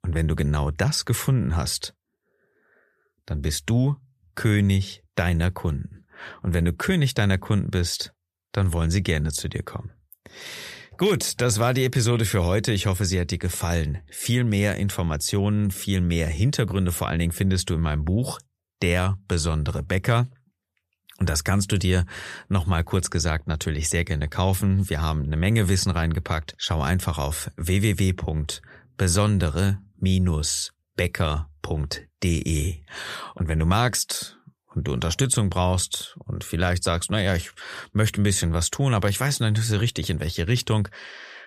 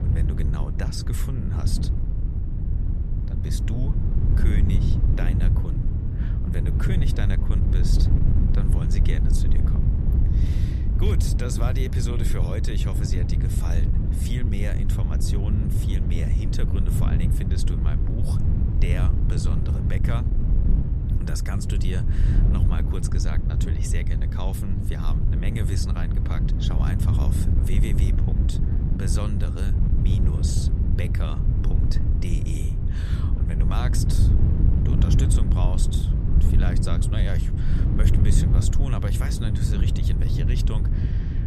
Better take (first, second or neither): first